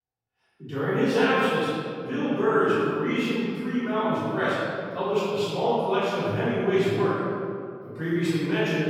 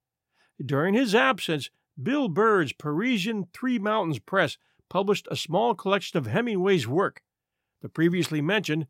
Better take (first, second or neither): second